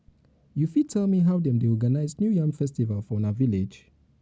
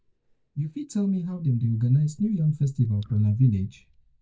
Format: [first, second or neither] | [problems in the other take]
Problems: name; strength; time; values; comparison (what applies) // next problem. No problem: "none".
first | noise reduction (neural mask model DeepFilterNet 3)